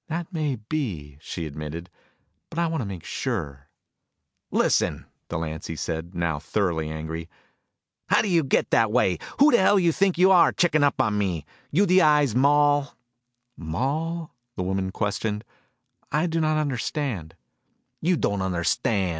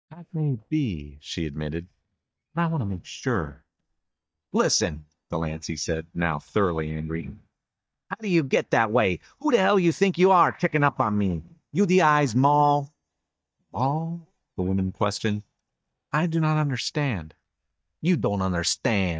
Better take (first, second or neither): first